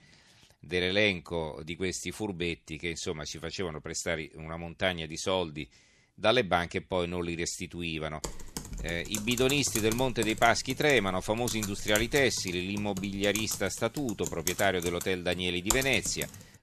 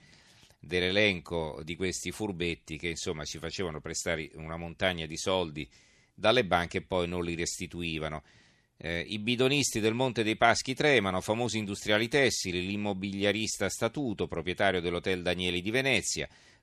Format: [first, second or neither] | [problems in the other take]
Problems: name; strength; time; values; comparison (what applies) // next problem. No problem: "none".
second | keyboard typing; noticeable; from 8 s on; peak 1 dB below the speech